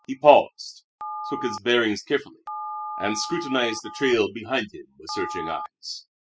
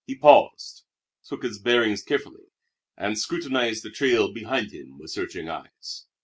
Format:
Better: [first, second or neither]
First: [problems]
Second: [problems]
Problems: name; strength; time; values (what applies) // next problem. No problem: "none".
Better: second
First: noise reduction (classical method spectral subtraction)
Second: none